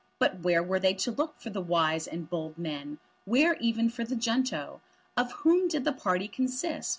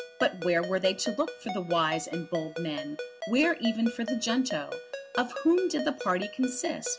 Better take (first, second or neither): first